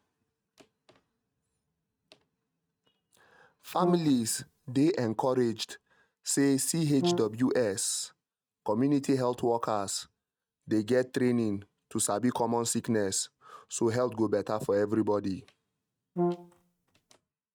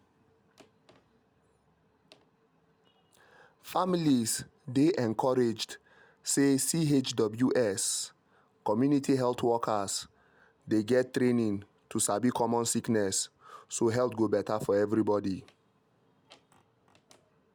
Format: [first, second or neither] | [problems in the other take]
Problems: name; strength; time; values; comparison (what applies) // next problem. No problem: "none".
second | noise reduction (neural mask model RNNoise)